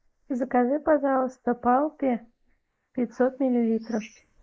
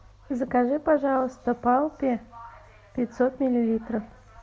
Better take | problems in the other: second | noise reduction (neural mask model Resemble Enhance denoiser)

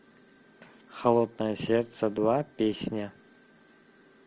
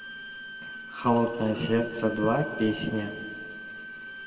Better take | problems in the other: first | background sound (Bowed string instrument); 11 dB below the speech // room echo; dies away in 2.2 s

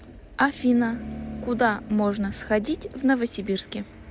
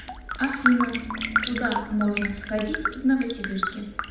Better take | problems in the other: first | background sound (Raindrop); 4 dB below the speech // room echo; dies away in 0.8 s

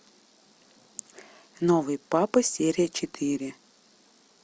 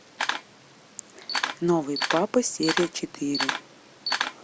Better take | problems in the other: first | background sound (Camera); 3 dB below the speech

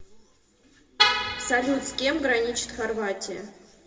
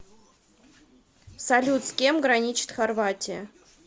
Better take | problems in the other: second | background sound (Vehicle horn, car horn, honking); as loud as the speech // room echo; dies away in 1.4 s

